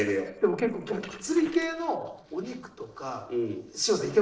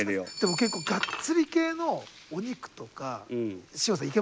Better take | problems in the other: second | noise reduction (neural separator model SepFormer DNS4)

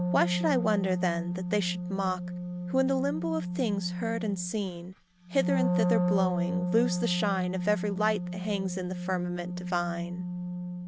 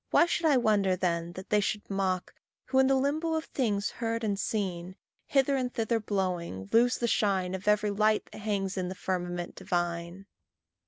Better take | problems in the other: second | background sound (Wind instrument, woodwind instrument); 1 dB below the speech

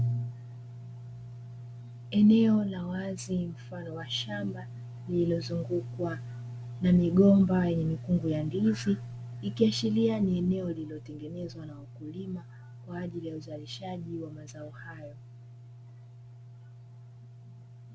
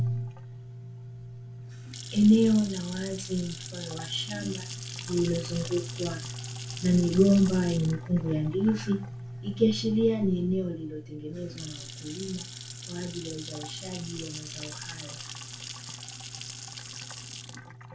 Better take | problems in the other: first | background sound (Sink (filling or washing) / Water tap, faucet / Splash, splatter); 15 dB below the speech // room echo; dies away in 0.3 s

